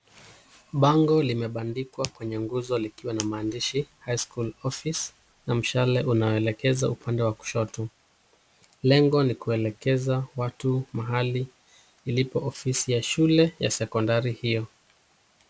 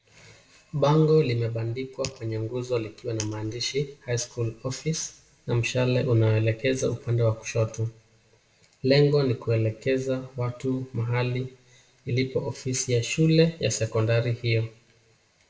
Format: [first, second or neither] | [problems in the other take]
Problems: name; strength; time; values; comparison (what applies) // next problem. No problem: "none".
first | room echo; dies away in 0.5 s